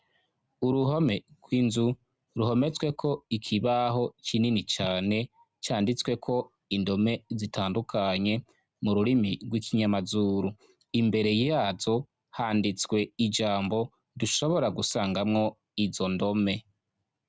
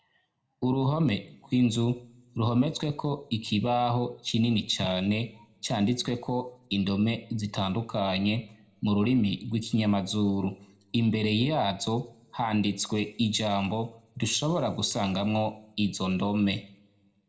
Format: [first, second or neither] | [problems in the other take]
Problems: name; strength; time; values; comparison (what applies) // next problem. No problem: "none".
first | room echo; dies away in 0.5 s